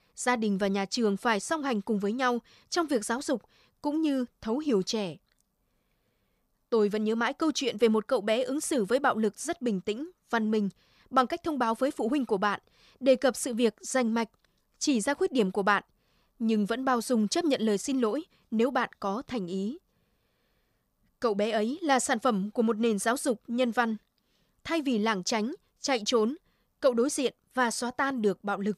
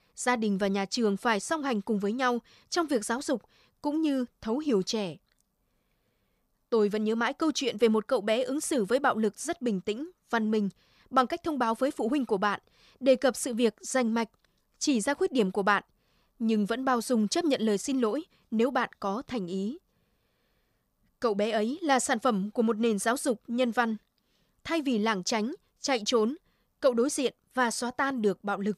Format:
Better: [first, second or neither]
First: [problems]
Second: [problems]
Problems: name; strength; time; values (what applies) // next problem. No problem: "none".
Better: neither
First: none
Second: none